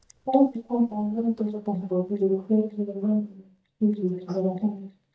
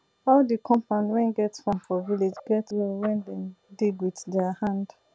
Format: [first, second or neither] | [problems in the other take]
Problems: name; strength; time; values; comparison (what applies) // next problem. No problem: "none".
second | noise reduction (neural mask model DeepFilterNet 3)